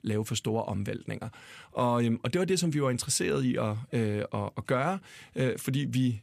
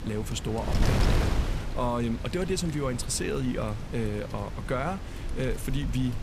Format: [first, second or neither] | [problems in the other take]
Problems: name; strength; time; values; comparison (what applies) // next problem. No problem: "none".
first | wind noise on the microphone; heavy; 5 dB below the speech